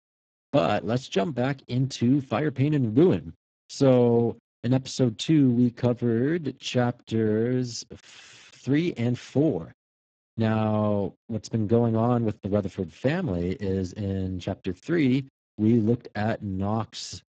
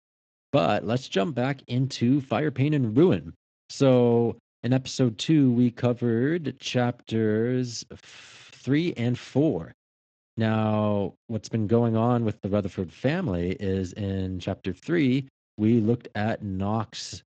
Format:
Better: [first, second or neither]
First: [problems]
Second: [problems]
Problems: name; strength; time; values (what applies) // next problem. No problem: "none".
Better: second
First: garbled, watery; badly; nothing above 7.5 kHz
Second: garbled, watery; slightly; nothing above 7.5 kHz